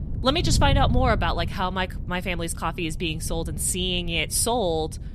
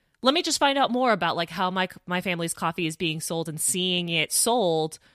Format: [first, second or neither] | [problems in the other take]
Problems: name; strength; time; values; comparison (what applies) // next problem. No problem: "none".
second | wind noise on the microphone; occasional gusts; 20 dB below the speech